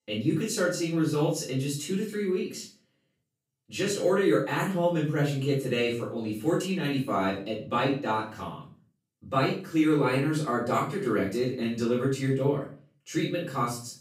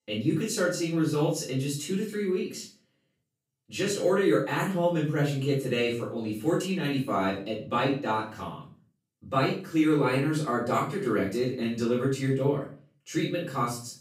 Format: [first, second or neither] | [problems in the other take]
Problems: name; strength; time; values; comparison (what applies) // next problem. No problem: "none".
neither | off-mic speech; far; the same in both // room echo; noticeable; dies away in 0.4 s; the same in both